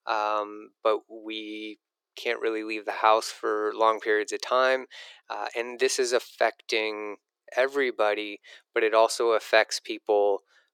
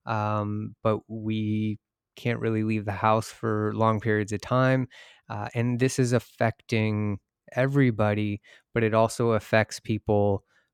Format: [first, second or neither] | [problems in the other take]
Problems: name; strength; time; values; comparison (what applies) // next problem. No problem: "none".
second | thin; very; fading below 350 Hz